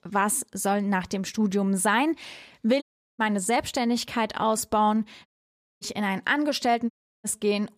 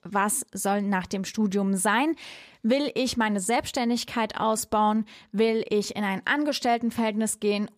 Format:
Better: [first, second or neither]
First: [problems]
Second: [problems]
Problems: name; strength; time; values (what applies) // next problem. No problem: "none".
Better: second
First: audio cutting out; at 3 s, at 5.5 s for 0.5 s and at 7 s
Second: none